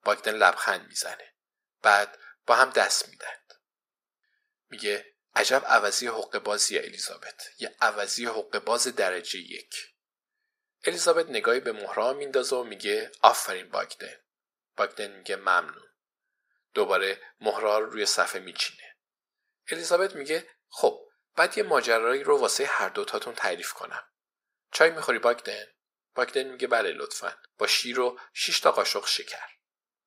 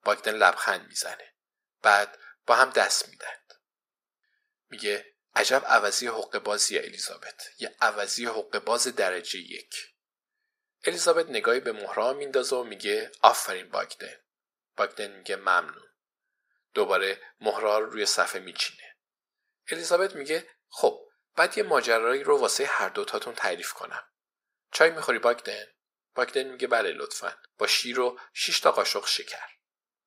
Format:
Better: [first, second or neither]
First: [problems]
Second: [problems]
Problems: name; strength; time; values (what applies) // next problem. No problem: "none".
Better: neither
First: thin; very; fading below 300 Hz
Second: thin; very; fading below 300 Hz